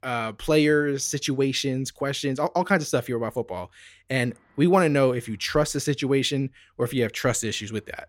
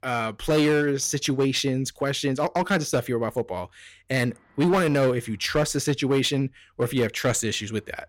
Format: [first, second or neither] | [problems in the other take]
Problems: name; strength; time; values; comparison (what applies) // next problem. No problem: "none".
first | distortion; slight; 8% of the sound clipped